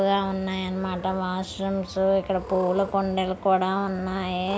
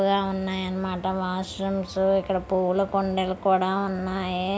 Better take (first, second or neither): second